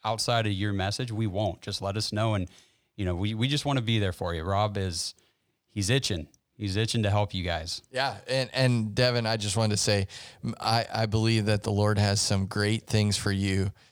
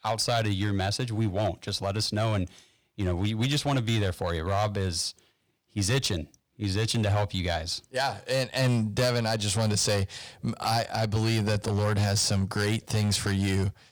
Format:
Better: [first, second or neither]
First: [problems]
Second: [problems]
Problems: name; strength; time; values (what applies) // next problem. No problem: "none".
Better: first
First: none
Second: distortion; slight; 8% of the sound clipped